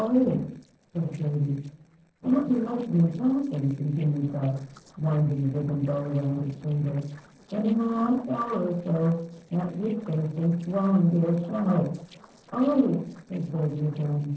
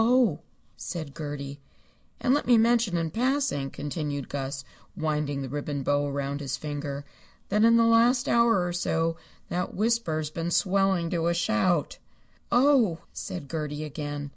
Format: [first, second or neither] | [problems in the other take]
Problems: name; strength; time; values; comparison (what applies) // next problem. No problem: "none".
second | noise reduction (neural separator model SepFormer DNS4)